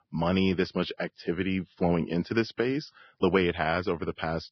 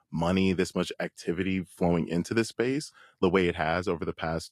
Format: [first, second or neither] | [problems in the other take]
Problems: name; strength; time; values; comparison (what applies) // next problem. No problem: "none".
second | garbled, watery; badly; nothing above 5.5 kHz; slightly in the second